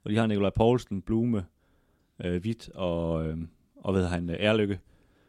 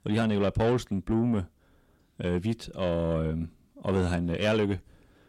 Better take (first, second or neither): first